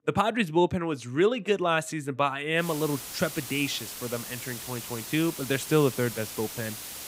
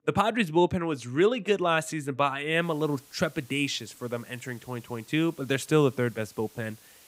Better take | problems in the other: second | hiss; loud; from 2.5 s on; 9 dB below the speech; faint in the second

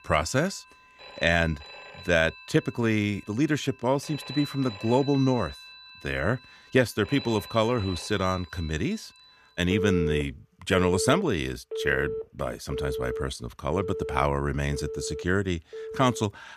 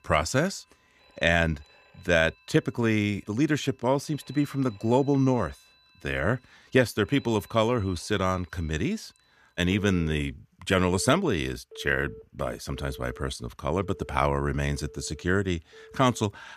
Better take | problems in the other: second | alarms or sirens; loud; throughout; 9 dB below the speech; faint in the second

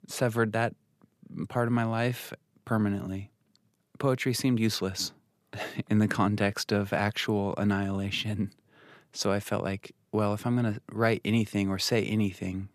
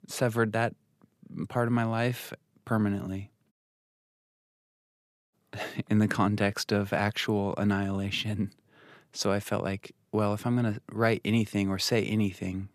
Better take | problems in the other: first | audio cutting out; at 3.5 s for 2 s

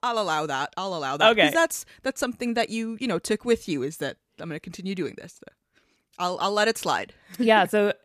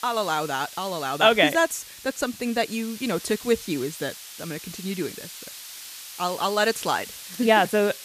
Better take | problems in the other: first | hiss; noticeable; throughout; 15 dB below the speech

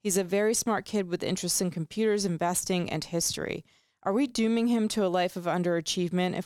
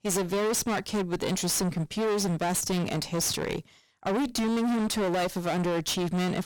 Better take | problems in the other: first | distortion; heavy; 34% of the sound clipped

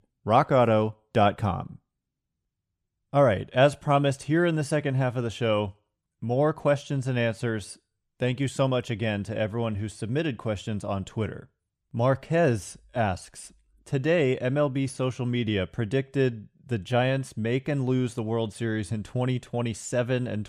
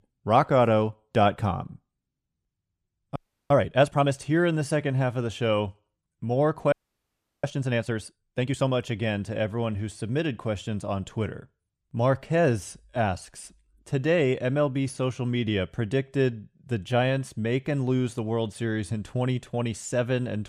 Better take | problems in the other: first | audio freezing; at 3 s and at 6.5 s for 0.5 s

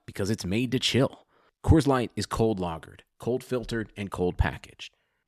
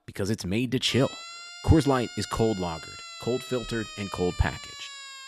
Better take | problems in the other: first | siren; faint; from 1 s on; peak 10 dB below the speech

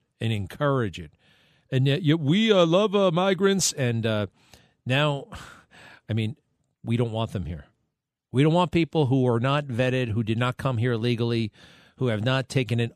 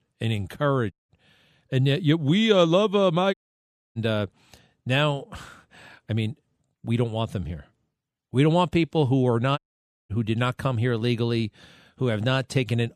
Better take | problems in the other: first | audio cutting out; at 1 s, at 3.5 s for 0.5 s and at 9.5 s for 0.5 s

